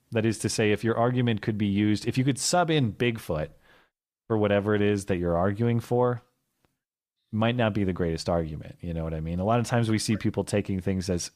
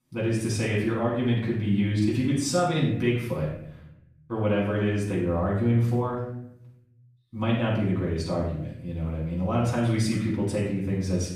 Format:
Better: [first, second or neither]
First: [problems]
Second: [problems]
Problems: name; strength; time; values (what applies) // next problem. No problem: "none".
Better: first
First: none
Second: off-mic speech; far // room echo; noticeable; dies away in 0.8 s